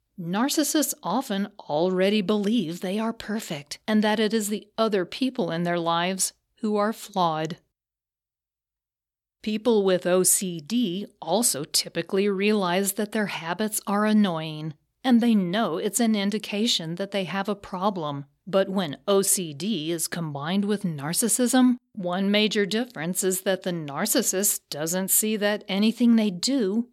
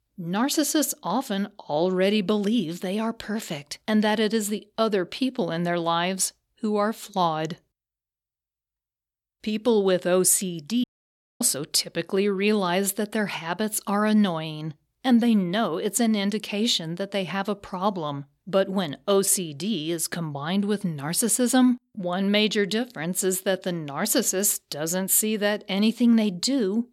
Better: first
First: none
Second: audio cutting out; at 11 s for 0.5 s

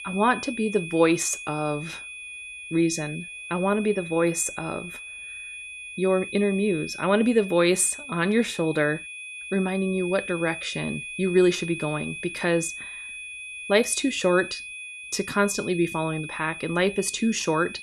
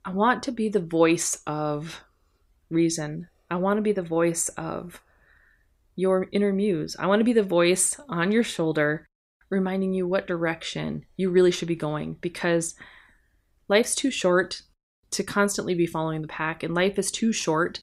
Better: second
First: high-pitched whine; noticeable; throughout; 2.5 kHz, 10 dB below the speech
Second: none

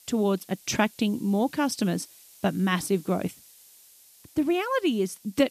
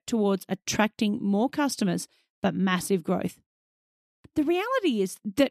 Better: second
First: hiss; faint; throughout; 25 dB below the speech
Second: none

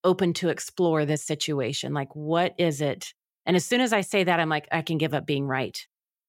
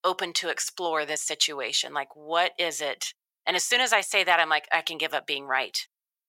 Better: first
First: none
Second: thin; very; fading below 900 Hz

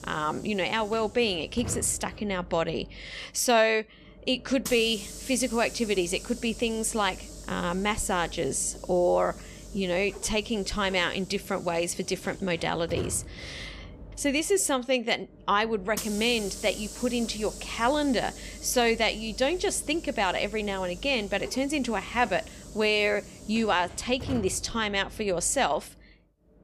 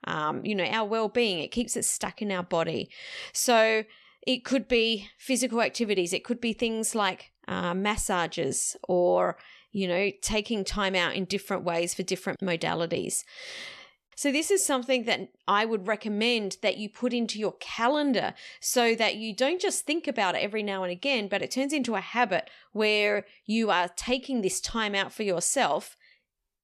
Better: second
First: hiss; noticeable; throughout; 15 dB below the speech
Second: none

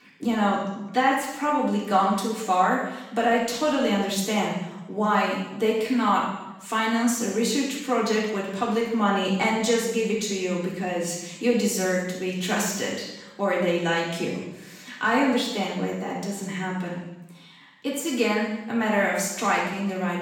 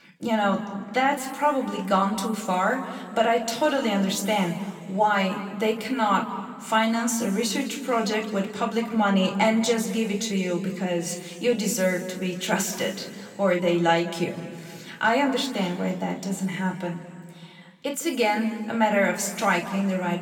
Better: second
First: room echo; strong; dies away in 0.9 s // off-mic speech; far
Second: room echo; slight; dies away in 2 s // off-mic speech; somewhat distant

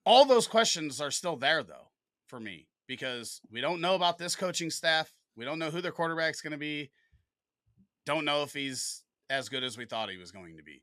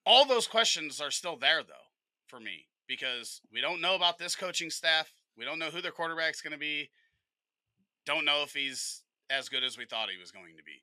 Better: first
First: none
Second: thin; very slightly; fading below 450 Hz

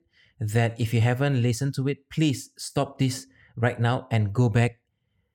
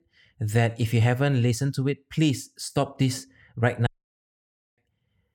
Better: first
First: none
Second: audio cutting out; at 4 s for 1 s

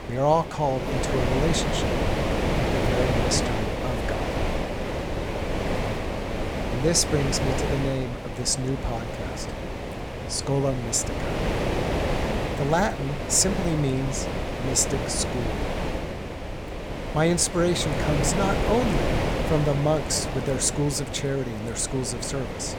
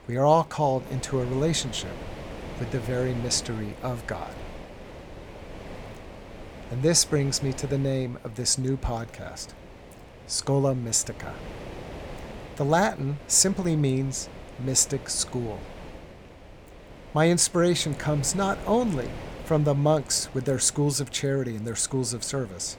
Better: second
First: wind noise on the microphone; heavy; 2 dB below the speech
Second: wind noise on the microphone; occasional gusts; 15 dB below the speech

